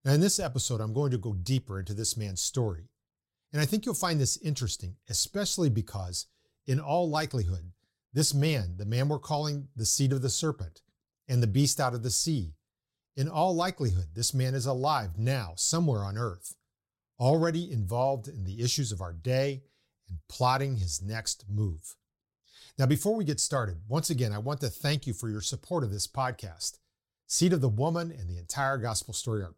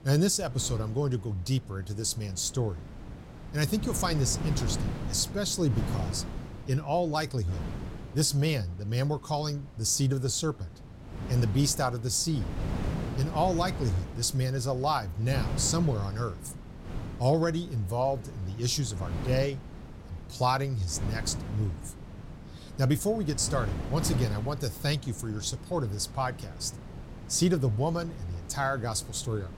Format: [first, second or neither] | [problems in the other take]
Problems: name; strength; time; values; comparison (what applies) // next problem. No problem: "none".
first | wind noise on the microphone; occasional gusts; 15 dB below the speech